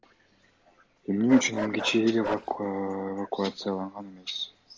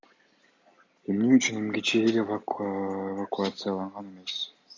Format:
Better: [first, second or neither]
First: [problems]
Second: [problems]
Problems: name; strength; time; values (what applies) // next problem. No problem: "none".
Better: second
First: background sound (Bark); 12 dB below the speech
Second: none